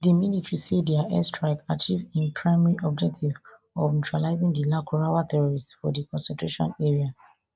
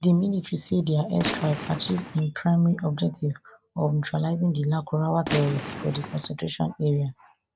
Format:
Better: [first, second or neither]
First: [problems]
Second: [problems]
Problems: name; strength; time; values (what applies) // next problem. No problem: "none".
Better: first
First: none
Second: background sound (Gunshot, gunfire); 8 dB below the speech